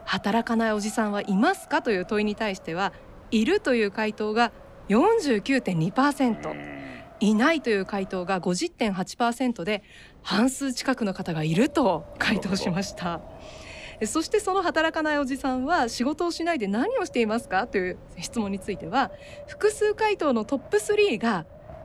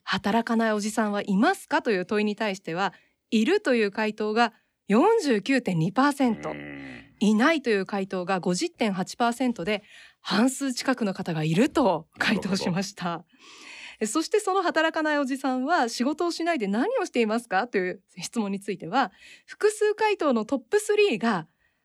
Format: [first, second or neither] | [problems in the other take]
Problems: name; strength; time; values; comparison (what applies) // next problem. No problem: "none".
second | wind in the background; faint; throughout; 20 dB below the speech